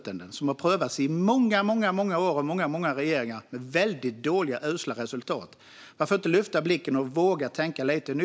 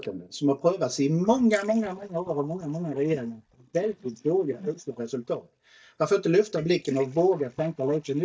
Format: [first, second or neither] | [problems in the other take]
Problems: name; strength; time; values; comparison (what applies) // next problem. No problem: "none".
first | noise reduction (neural mask model DeepFilterNet 3)